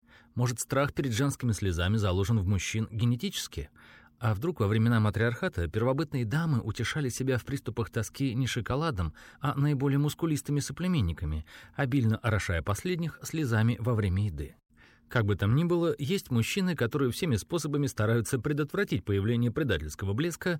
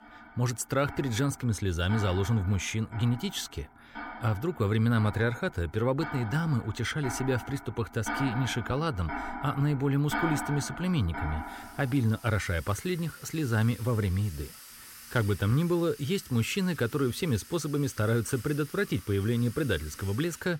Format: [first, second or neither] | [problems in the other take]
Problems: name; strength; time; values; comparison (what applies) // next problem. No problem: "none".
first | household noises; noticeable; throughout; 10 dB below the speech